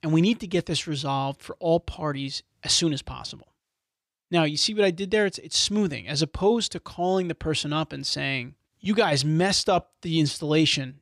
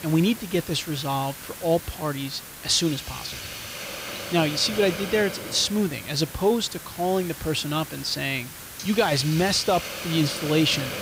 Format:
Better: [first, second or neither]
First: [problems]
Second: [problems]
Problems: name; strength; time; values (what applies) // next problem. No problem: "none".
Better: first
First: none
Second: hiss; loud; throughout; 10 dB below the speech